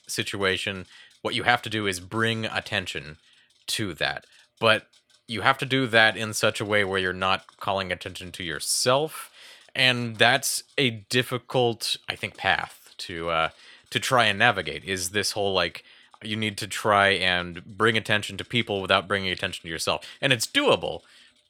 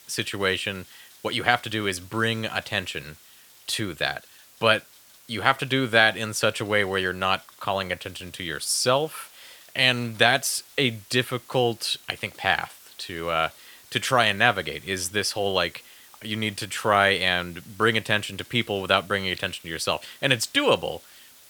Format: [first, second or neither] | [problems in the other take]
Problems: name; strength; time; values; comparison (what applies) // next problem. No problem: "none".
first | hiss; faint; throughout; 25 dB below the speech